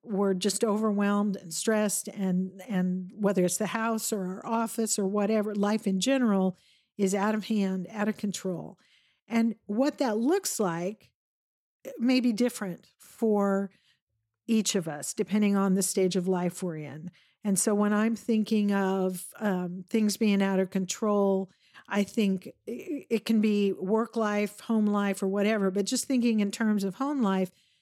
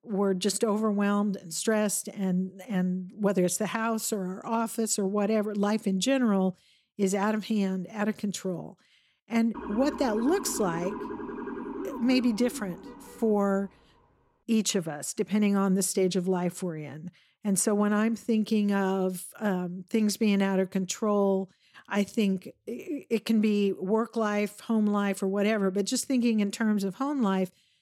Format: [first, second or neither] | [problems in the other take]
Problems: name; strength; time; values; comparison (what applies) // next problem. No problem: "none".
first | siren; noticeable; from 9.5 to 13 s; peak 9 dB below the speech